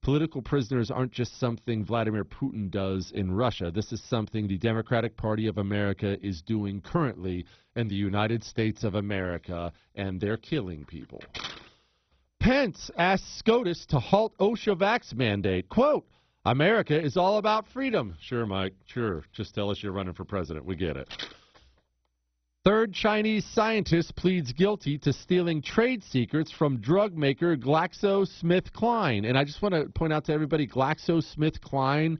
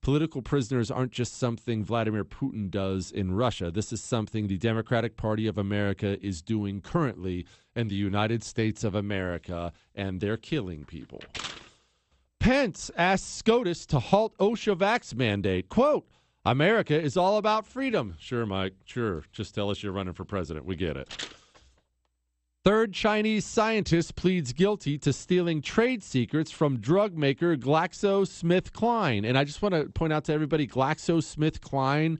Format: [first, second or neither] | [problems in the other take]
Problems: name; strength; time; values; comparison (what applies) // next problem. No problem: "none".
second | garbled, watery; badly; nothing above 6 kHz; slightly in the second